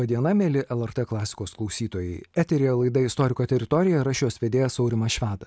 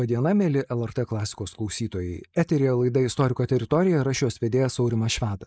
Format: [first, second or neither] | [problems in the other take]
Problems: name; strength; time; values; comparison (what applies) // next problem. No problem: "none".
first | noise reduction (neural mask model Resemble Enhance denoiser)